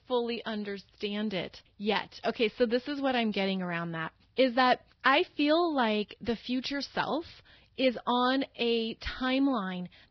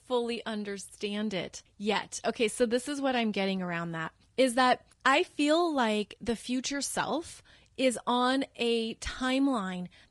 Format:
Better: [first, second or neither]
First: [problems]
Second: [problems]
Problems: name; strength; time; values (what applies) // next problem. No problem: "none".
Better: second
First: garbled, watery; badly; nothing above 5 kHz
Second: garbled, watery; slightly; nothing above 10.5 kHz